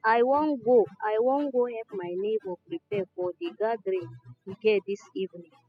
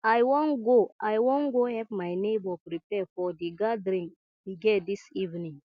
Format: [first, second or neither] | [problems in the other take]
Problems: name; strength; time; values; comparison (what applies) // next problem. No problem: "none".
second | noise reduction (classical method spectral subtraction)